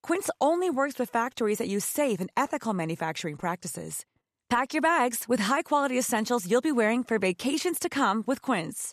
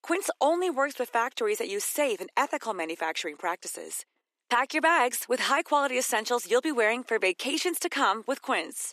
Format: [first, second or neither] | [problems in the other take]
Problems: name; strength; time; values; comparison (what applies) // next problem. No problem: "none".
first | thin; somewhat; fading below 300 Hz